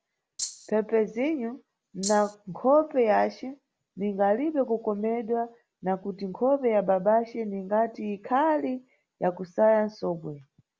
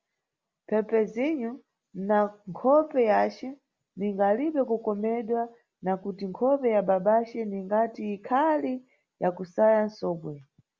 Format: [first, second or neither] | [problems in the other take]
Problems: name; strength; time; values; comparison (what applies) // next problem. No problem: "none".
second | background sound (Rattle (instrument)); 8 dB below the speech